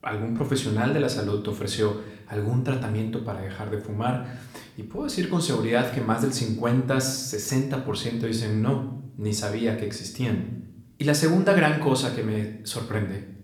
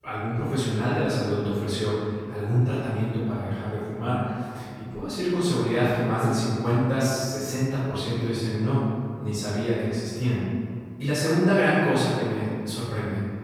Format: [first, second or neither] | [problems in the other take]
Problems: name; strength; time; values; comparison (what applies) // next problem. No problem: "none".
first | room echo; strong; dies away in 2.1 s; slight in the first // off-mic speech; far; somewhat distant in the first